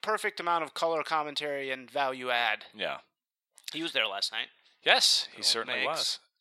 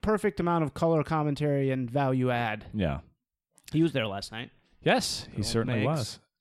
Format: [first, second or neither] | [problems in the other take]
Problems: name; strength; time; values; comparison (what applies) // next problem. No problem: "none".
second | thin; very; fading below 750 Hz